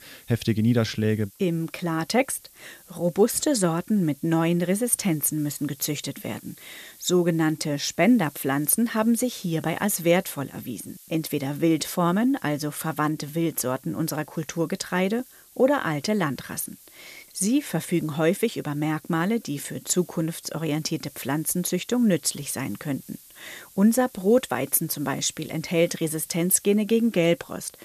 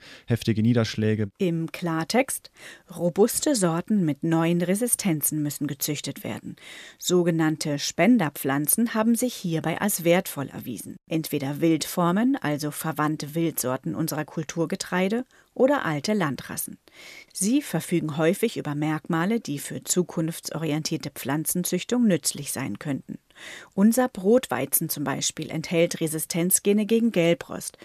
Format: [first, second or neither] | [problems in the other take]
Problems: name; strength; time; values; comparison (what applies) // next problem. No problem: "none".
second | hiss; faint; throughout; 25 dB below the speech